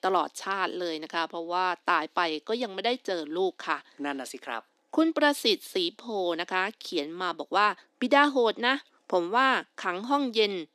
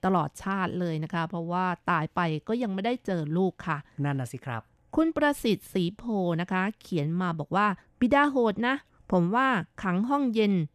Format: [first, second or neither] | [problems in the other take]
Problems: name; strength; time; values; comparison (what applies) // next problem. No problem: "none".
second | thin; somewhat; fading below 250 Hz